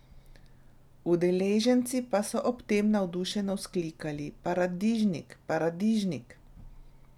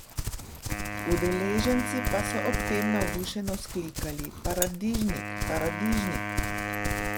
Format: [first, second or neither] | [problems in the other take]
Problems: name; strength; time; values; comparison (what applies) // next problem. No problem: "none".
first | background sound (Wind instrument, woodwind instrument + Livestock, farm animals, working animals); as loud as the speech